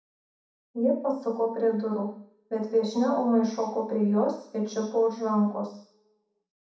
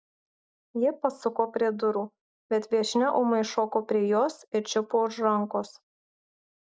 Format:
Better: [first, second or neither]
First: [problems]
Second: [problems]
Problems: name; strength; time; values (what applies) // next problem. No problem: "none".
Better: second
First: room echo; dies away in 0.6 s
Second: none